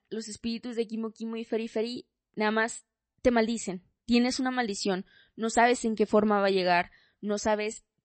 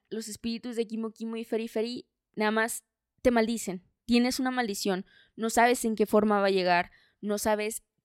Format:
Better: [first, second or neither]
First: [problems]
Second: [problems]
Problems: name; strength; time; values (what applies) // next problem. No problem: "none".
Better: second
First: garbled, watery; slightly; nothing above 8 kHz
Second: none